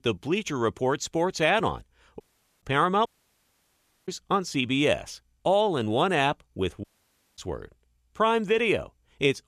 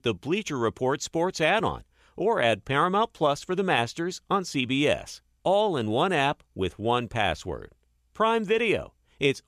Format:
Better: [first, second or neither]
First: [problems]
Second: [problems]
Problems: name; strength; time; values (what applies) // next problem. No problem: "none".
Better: second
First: audio cutting out; at 2 s, at 3 s for 1 s and at 7 s for 0.5 s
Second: none